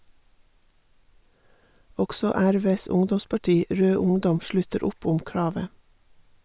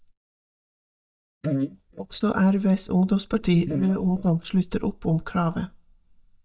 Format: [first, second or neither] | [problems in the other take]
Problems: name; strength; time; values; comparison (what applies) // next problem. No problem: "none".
first | noise reduction (neural mask model DeepFilterNet 3)